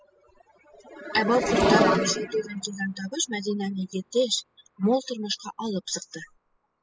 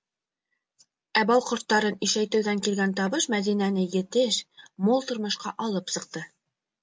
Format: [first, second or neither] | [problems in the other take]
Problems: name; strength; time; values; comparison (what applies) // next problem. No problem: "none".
second | noise reduction (classical method spectral subtraction)